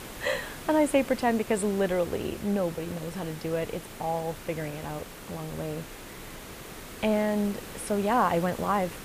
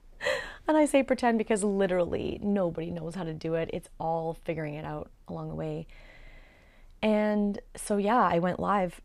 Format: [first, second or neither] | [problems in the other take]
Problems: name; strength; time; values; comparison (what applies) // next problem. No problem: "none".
second | hiss; noticeable; throughout; 15 dB below the speech